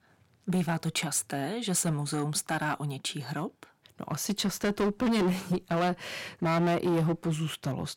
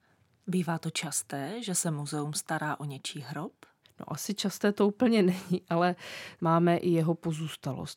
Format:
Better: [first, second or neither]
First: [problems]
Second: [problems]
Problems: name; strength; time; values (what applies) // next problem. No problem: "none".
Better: second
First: distortion; heavy; 10% of the sound clipped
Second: none